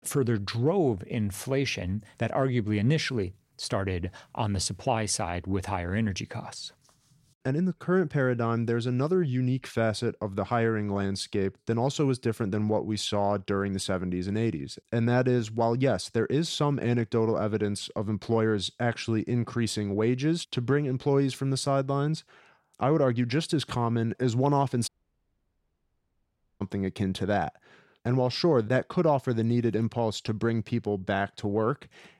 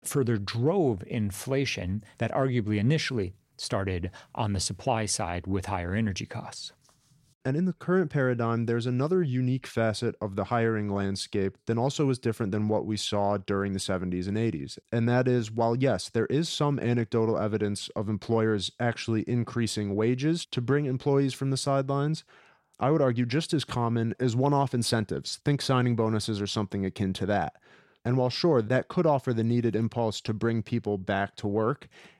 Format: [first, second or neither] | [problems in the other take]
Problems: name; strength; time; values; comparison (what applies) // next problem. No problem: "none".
second | audio cutting out; at 25 s for 1.5 s